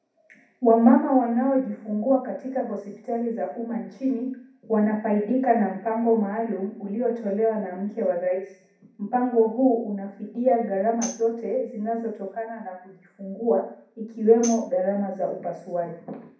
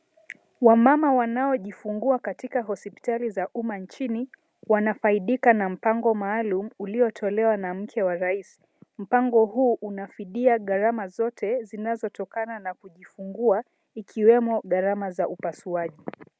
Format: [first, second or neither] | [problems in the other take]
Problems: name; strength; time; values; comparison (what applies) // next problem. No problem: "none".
second | background sound (Tambourine); 17 dB below the speech // room echo; dies away in 0.6 s